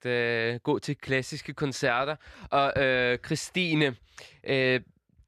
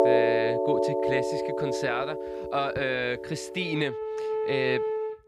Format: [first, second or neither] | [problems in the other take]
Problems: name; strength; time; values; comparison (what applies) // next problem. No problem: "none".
first | background music; very loud; throughout; 2 dB above the speech